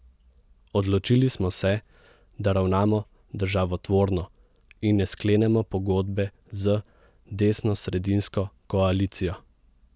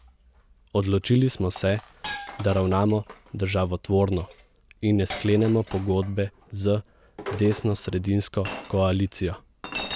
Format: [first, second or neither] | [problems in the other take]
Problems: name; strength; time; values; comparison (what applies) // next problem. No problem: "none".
first | background sound (Chink, clink); 16 dB below the speech